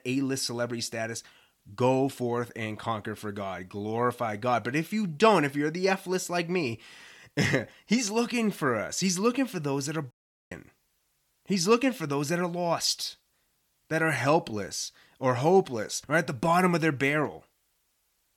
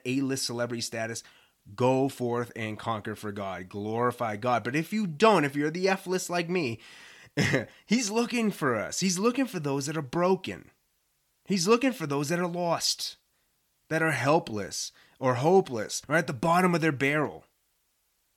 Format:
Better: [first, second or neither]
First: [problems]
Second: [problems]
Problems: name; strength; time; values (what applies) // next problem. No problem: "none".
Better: second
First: audio cutting out; at 10 s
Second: none